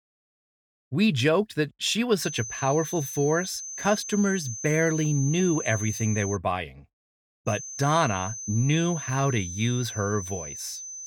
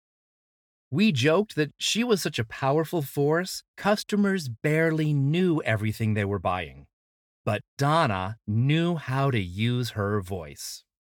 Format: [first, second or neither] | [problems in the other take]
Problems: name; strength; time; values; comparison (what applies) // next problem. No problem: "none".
second | high-pitched whine; loud; from 2 to 6.5 s and from 7.5 s on; 6 kHz, 8 dB below the speech